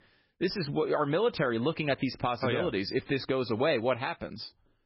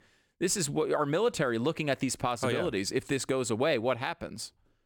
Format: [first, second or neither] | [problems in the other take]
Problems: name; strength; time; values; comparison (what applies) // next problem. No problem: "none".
second | garbled, watery; badly; nothing above 5.5 kHz